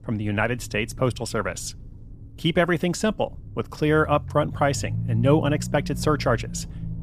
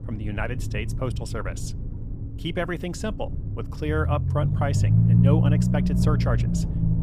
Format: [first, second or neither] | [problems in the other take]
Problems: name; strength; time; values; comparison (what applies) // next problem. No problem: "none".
first | low rumble; loud; throughout; 3 dB below the speech; faint in the first